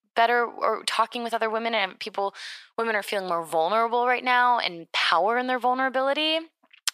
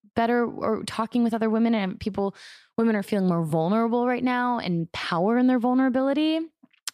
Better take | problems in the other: second | thin; very; fading below 800 Hz

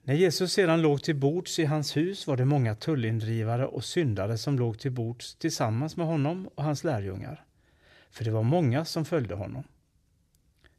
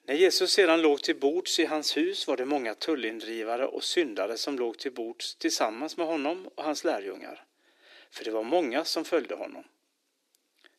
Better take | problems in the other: first | thin; somewhat; fading below 300 Hz

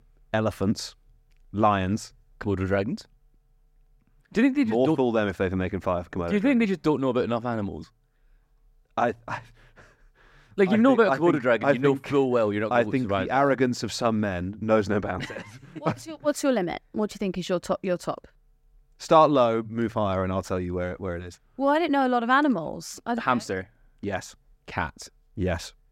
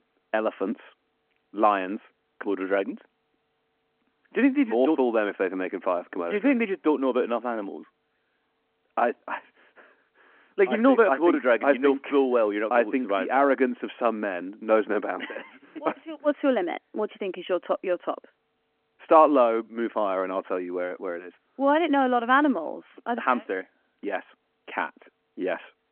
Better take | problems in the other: first | phone-call audio

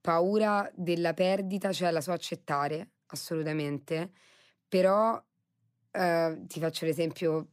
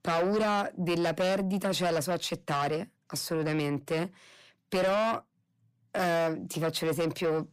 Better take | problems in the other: first | distortion; heavy; 8 dB below the speech

